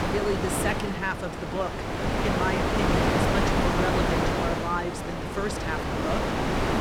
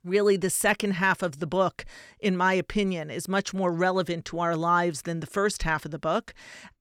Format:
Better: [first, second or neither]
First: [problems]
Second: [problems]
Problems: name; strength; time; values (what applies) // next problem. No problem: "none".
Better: second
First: wind noise on the microphone; heavy; 4 dB above the speech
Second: none